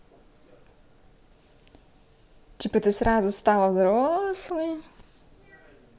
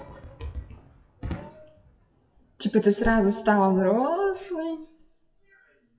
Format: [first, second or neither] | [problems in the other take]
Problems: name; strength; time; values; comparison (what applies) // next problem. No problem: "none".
first | noise reduction (classical method WPE with log-MMSE)